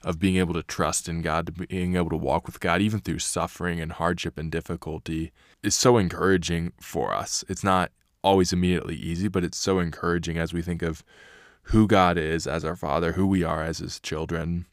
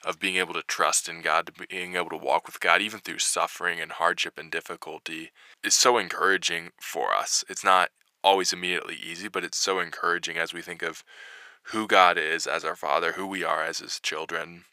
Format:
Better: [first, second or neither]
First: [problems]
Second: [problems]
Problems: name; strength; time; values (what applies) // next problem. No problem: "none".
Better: first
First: none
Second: thin; very; fading below 600 Hz